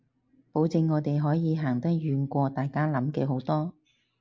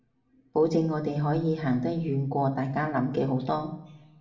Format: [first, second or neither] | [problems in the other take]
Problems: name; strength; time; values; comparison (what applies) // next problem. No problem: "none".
first | room echo; dies away in 0.6 s